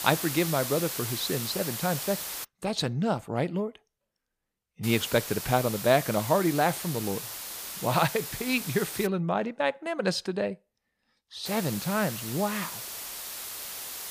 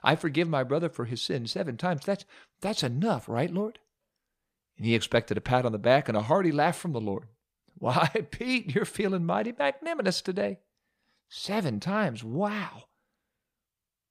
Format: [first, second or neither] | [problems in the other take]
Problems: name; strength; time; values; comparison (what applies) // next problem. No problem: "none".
second | hiss; loud; until 2.5 s, from 5 to 9 s and from 11 s on; 6 dB below the speech